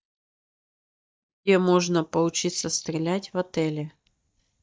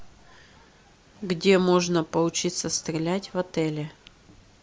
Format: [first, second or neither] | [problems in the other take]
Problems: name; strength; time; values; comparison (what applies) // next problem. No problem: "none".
second | noise reduction (neural mask model DeepFilterNet 3)